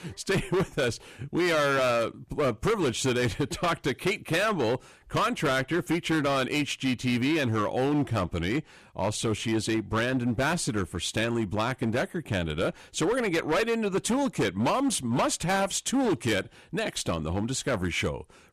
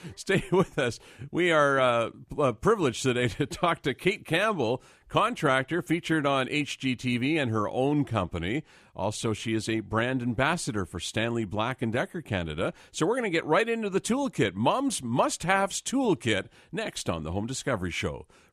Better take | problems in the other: second | distortion; heavy; 12% of the sound clipped

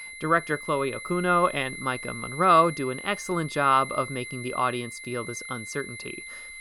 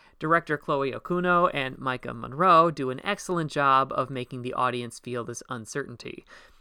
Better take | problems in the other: second | high-pitched whine; noticeable; throughout; 2 kHz, 10 dB below the speech

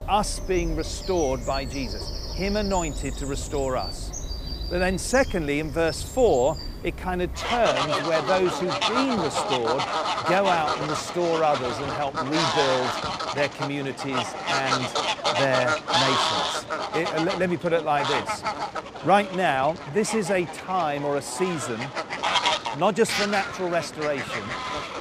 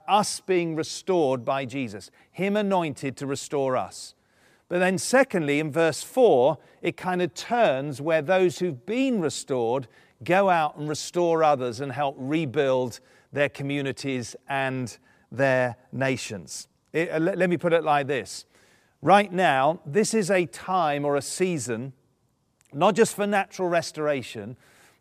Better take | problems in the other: second | animal sounds; loud; throughout; 2 dB below the speech

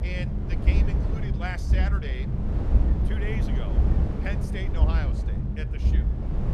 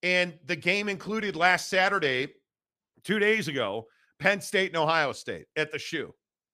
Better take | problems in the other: second | low rumble; loud; throughout; 1 dB below the speech

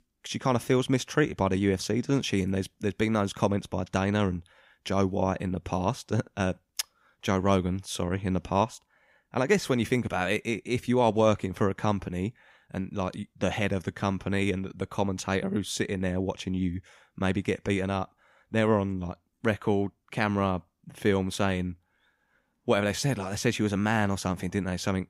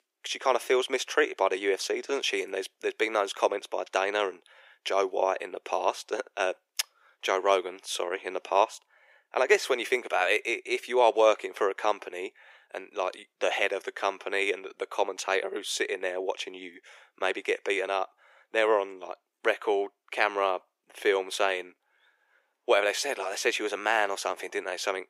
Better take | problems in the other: first | thin; very; fading below 350 Hz

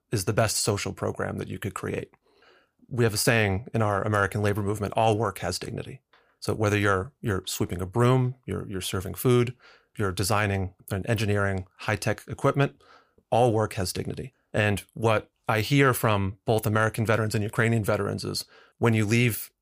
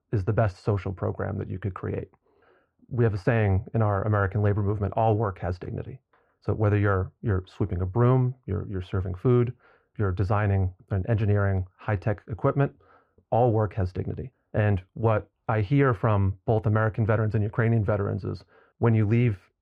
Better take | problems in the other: first | muffled; very; fading above 1.5 kHz

